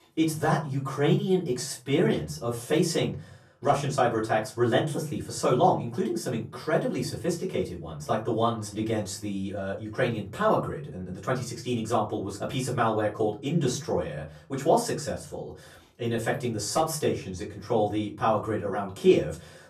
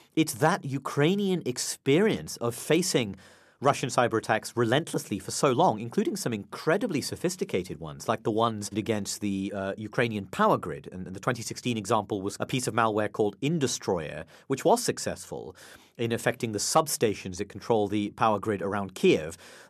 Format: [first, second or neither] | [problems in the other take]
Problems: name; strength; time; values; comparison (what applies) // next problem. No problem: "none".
second | off-mic speech; far // room echo; very slight; dies away in 0.4 s